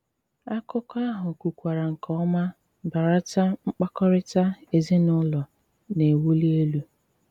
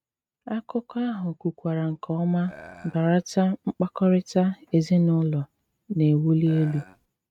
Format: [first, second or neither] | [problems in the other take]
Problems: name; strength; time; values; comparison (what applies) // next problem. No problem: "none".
first | noise reduction (neural mask model RNNoise)